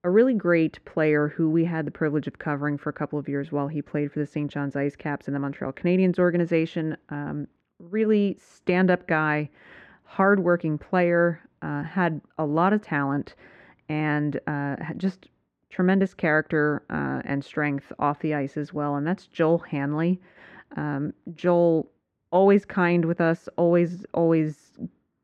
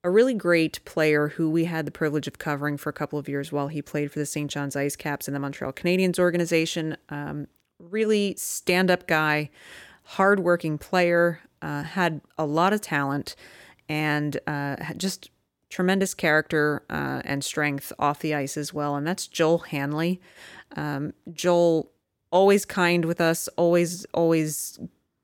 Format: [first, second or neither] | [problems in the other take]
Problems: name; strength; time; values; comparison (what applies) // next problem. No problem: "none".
second | muffled; very; fading above 1.5 kHz